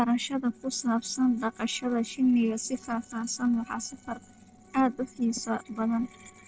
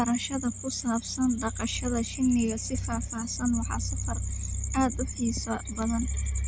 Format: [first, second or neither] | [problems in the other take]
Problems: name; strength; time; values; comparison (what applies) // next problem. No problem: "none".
second | noise reduction (neural separator model SepFormer DNS4)